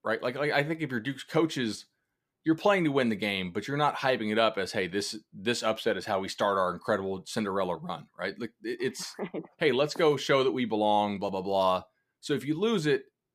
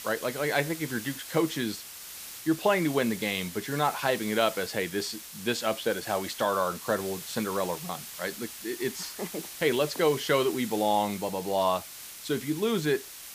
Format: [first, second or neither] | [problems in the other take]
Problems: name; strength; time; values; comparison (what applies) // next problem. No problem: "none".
first | hiss; noticeable; throughout; 10 dB below the speech